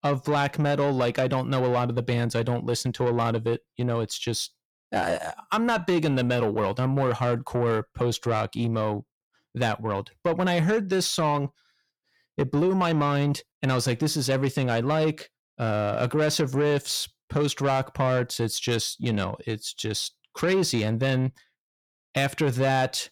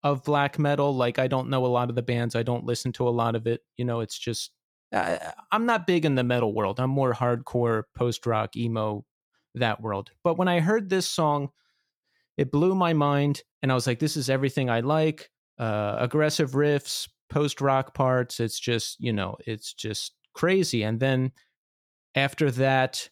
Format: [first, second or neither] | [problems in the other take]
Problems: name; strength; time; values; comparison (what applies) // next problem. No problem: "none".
second | distortion; slight; 10 dB below the speech